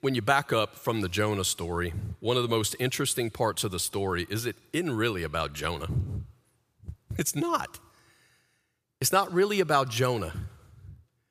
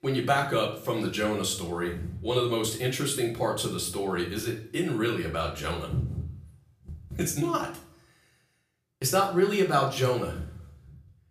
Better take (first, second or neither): first